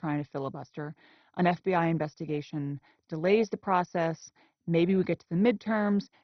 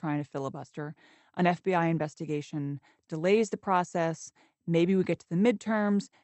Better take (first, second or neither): second